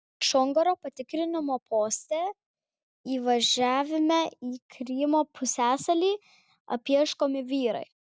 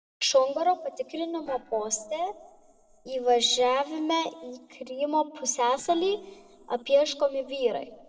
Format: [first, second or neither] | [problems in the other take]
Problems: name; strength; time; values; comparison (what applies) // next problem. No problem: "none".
first | noise reduction (neural separator model SepFormer DNS4)